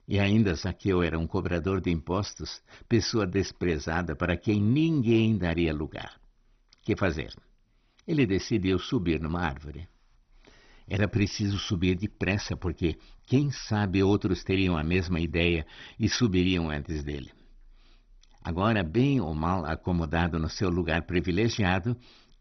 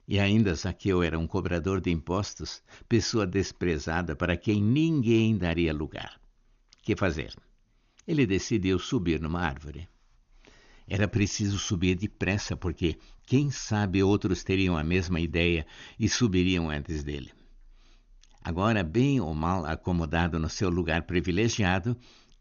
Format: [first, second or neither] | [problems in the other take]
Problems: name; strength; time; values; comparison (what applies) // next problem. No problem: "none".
second | garbled, watery; badly; nothing above 6 kHz; slightly in the second